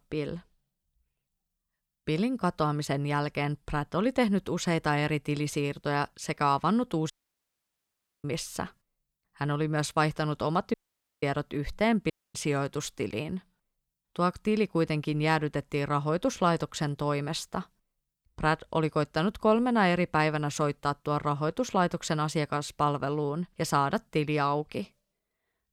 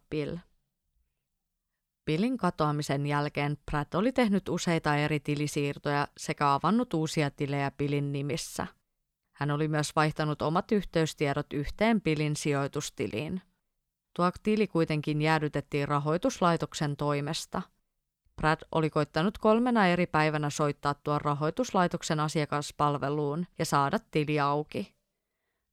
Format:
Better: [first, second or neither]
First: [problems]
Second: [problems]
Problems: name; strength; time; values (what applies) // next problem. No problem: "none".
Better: second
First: audio cutting out; at 7 s for 1 s, at 11 s and at 12 s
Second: none